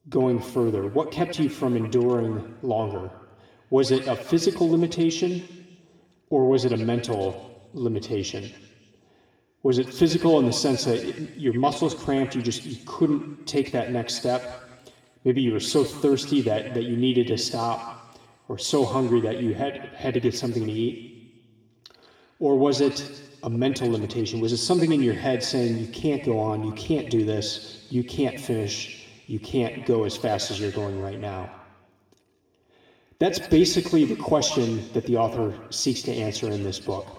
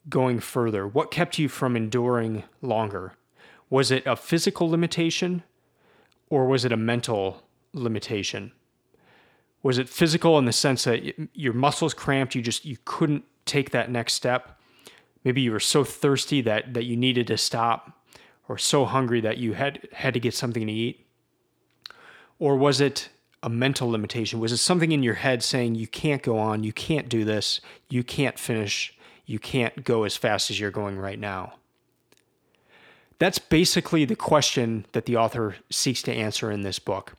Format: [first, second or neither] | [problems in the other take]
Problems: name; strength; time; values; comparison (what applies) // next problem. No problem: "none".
second | room echo; slight; dies away in 1.3 s // off-mic speech; somewhat distant